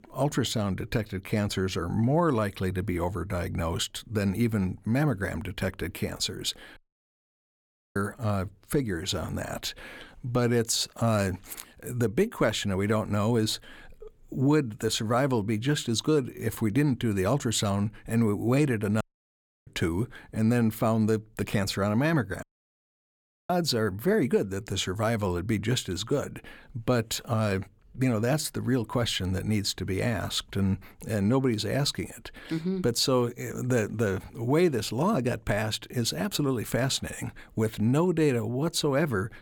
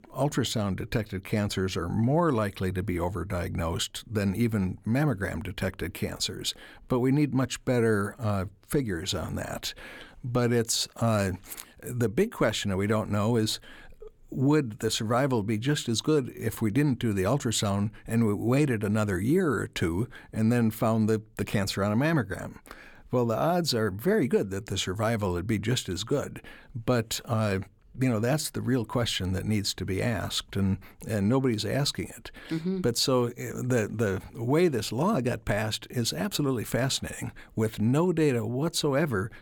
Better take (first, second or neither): second